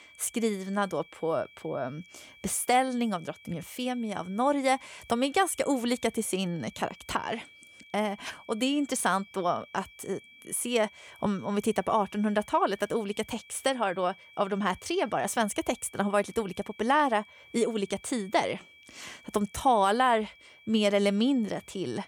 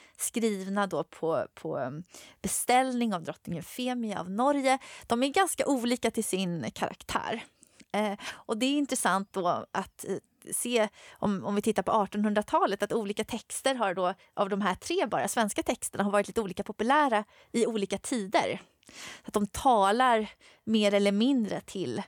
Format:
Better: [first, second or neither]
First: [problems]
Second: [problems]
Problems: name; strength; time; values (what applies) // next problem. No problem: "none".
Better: second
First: high-pitched whine; faint; throughout; 2.5 kHz, 25 dB below the speech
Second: none